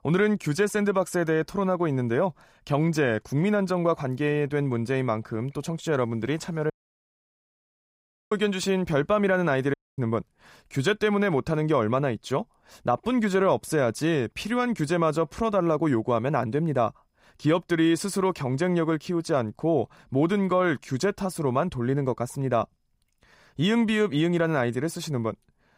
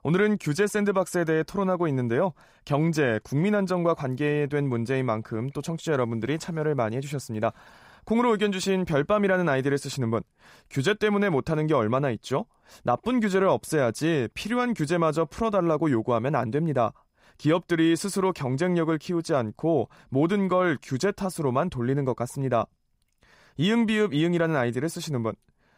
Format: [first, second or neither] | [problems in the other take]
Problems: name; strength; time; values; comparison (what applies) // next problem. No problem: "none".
second | audio cutting out; at 6.5 s for 1.5 s and at 9.5 s